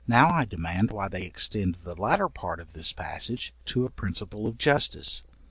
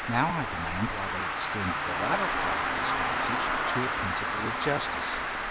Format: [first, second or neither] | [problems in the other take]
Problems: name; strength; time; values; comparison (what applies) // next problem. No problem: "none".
first | background sound (Traffic noise, roadway noise); 4 dB above the speech